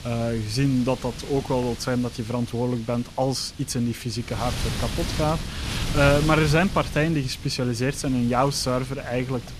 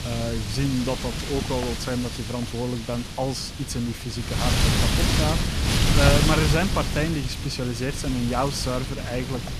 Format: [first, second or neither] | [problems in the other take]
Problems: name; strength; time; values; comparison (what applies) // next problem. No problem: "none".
first | wind noise on the microphone; heavy; as loud as the speech; occasional gusts in the first